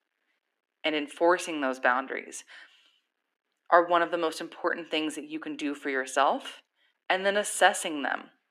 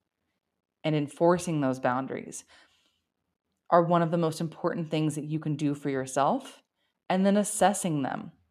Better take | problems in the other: second | thin; somewhat; fading below 300 Hz

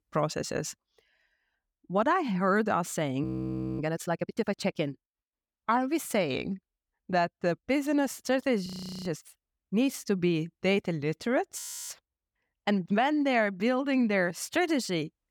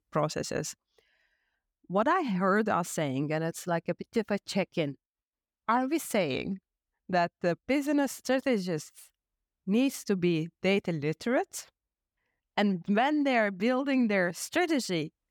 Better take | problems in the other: second | audio freezing; at 3 s for 0.5 s, at 8.5 s and at 12 s

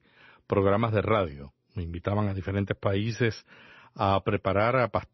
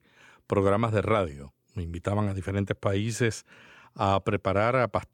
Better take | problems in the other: second | garbled, watery; slightly; nothing above 6 kHz

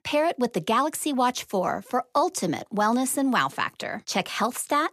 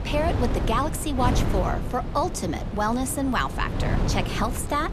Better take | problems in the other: first | wind noise on the microphone; heavy; 8 dB below the speech

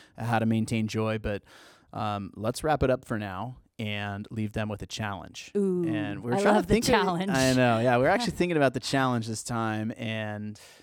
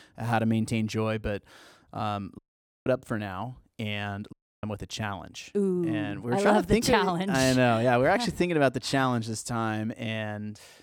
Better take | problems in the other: first | audio cutting out; at 2.5 s and at 4.5 s

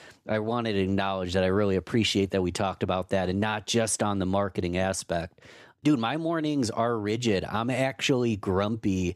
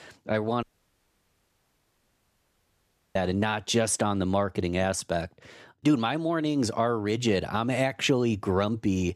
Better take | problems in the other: first | audio cutting out; at 0.5 s for 2.5 s

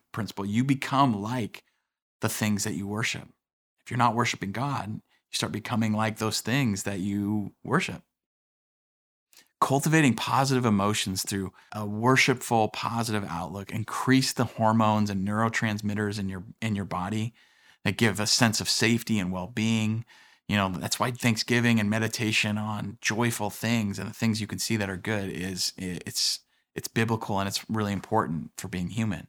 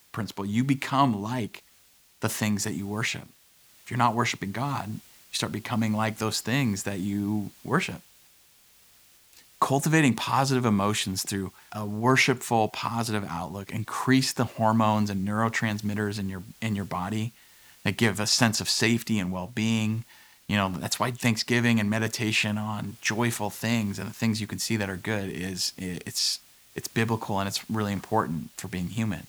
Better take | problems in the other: first | hiss; faint; throughout; 25 dB below the speech

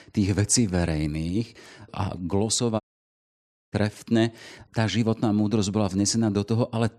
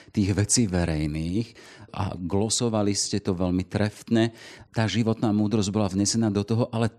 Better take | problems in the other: second | audio cutting out; at 3 s for 1 s

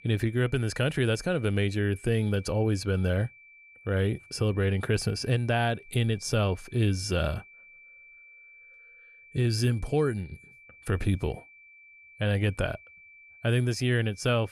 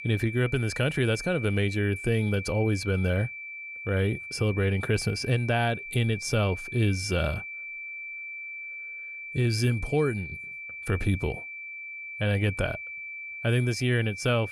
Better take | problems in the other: first | high-pitched whine; loud; throughout; 2.5 kHz, 9 dB below the speech; faint in the first

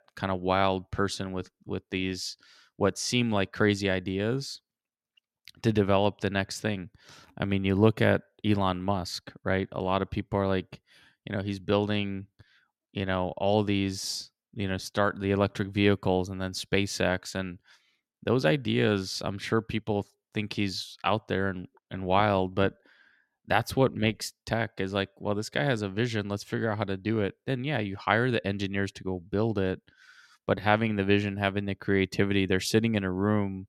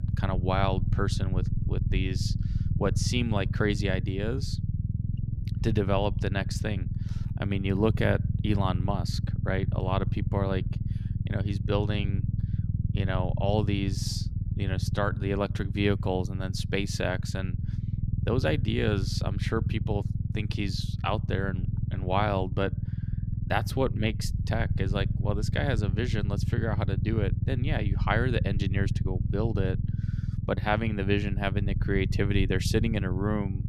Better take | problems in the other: first | low rumble; noticeable; throughout; 10 dB below the speech

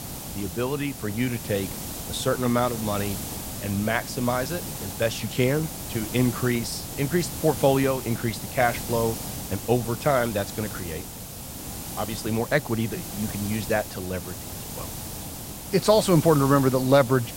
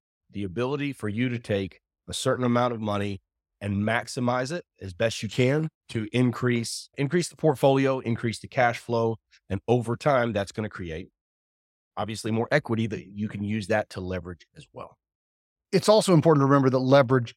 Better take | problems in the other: second | hiss; loud; throughout; 8 dB below the speech

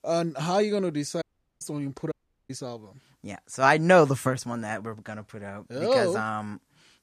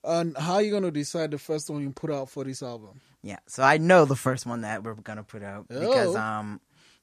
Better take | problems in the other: second | audio cutting out; at 1 s and at 2 s

